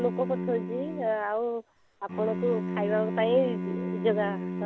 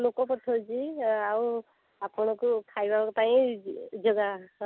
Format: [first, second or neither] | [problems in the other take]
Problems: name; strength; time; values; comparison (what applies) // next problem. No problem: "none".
second | background sound (Bowed string instrument); 4 dB below the speech